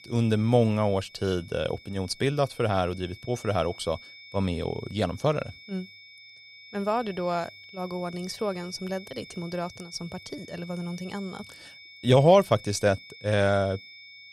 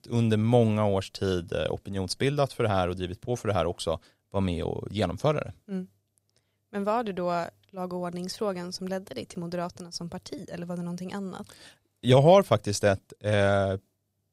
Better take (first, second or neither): second